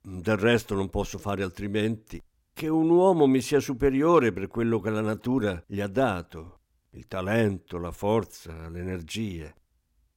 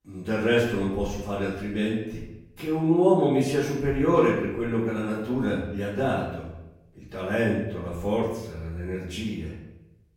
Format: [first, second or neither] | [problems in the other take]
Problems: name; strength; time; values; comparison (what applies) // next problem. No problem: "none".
first | room echo; noticeable; dies away in 0.8 s // off-mic speech; far